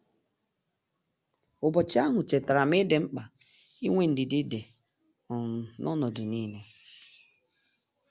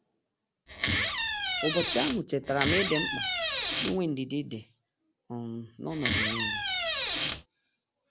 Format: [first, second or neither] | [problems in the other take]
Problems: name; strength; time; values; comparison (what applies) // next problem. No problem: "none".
first | background sound (Door); 4 dB above the speech